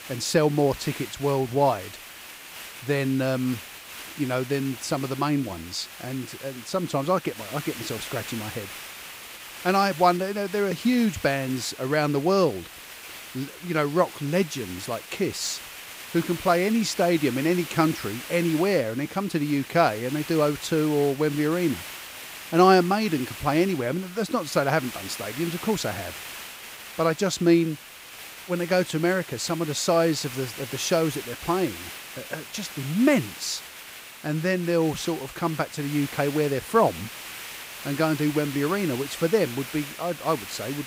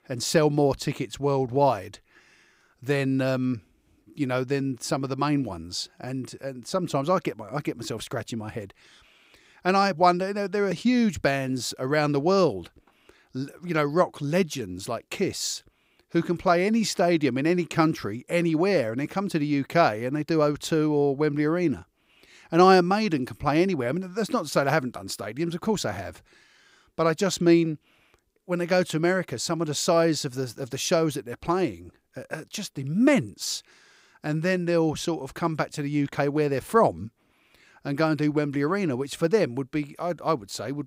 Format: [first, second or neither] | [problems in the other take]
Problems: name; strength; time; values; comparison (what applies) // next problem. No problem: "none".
second | hiss; noticeable; throughout; 10 dB below the speech